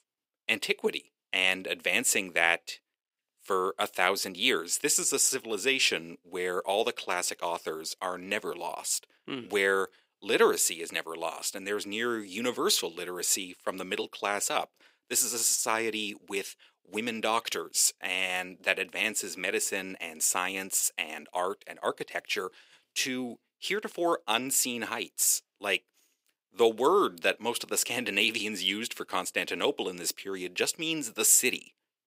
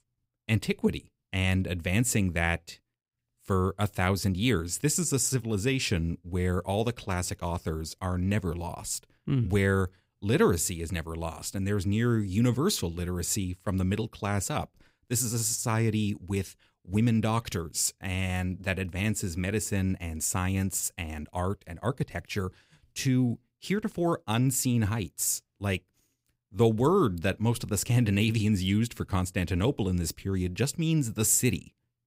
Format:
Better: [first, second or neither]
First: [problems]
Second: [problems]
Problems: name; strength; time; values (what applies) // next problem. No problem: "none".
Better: second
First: thin; very; fading below 400 Hz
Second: none